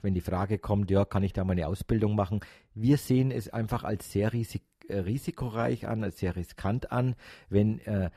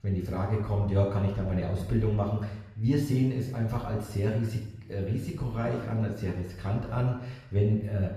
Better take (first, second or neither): first